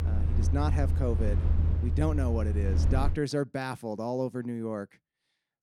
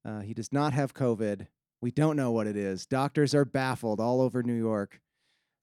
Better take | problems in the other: second | low rumble; loud; until 3 s; 9 dB below the speech

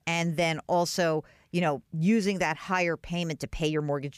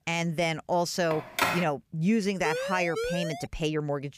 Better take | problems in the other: first | phone ringing; loud; at 1 s; peak 2 dB above the speech // siren; noticeable; from 2.5 to 3.5 s; peak 3 dB below the speech

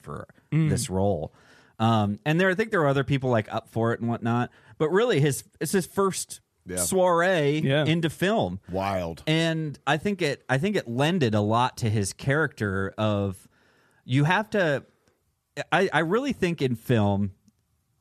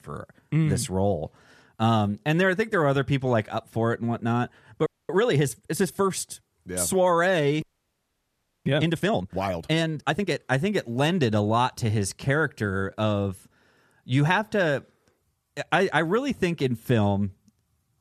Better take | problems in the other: first | audio freezing; at 5 s and at 7.5 s for 1 s

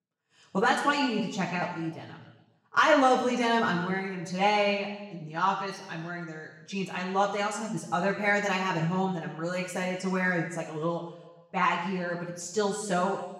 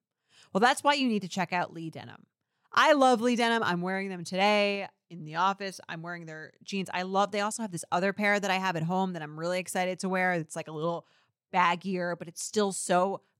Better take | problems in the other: second | room echo; noticeable; dies away in 1 s // off-mic speech; far

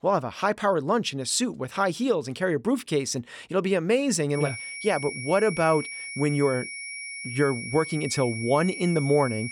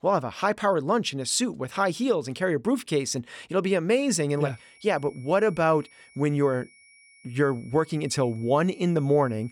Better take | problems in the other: second | high-pitched whine; loud; from 4.5 s on; 2.5 kHz, 9 dB below the speech; faint in the second

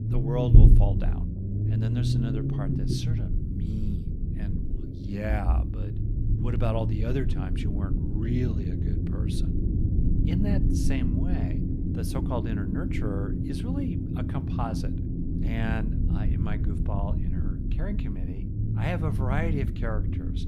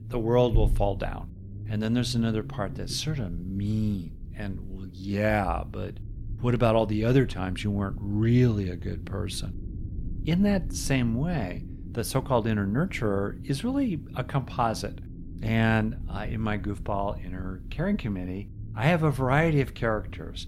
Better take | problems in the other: second | low rumble; loud; throughout; 1 dB below the speech; faint in the second

